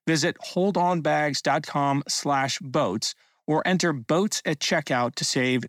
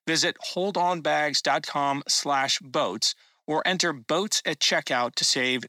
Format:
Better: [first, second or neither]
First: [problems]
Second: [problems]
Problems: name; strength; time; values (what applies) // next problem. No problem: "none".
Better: first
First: none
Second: thin; very slightly; fading below 1 kHz